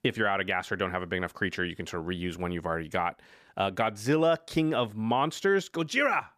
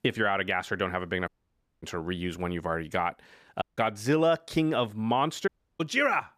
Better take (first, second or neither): first